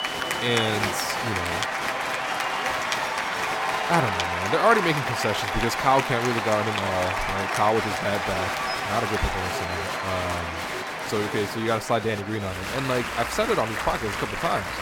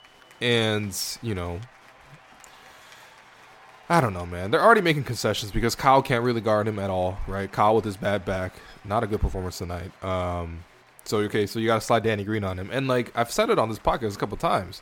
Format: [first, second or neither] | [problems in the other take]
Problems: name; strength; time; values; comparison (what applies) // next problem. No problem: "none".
second | crowd noise; loud; throughout; as loud as the speech; faint in the second